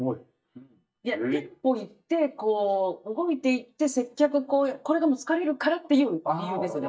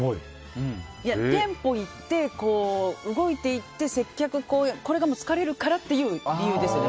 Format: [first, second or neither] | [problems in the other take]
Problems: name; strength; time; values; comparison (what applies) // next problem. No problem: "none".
second | noise reduction (neural mask model DeepFilterNet 3)